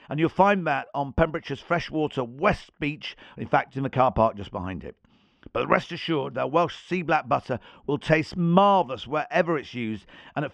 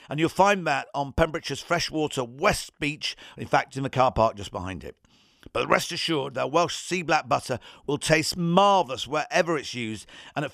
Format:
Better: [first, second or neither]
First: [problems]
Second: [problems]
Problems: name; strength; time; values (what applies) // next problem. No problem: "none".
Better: second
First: muffled; slightly; fading above 2.5 kHz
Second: none